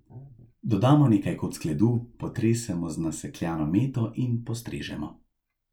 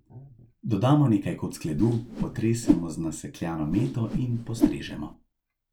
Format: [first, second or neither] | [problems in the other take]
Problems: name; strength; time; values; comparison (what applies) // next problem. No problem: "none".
first | background sound (Whoosh, swoosh, swish); 2 dB below the speech